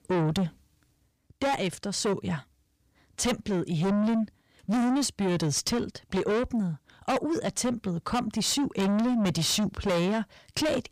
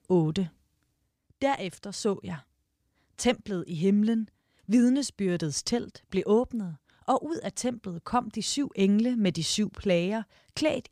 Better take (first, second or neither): second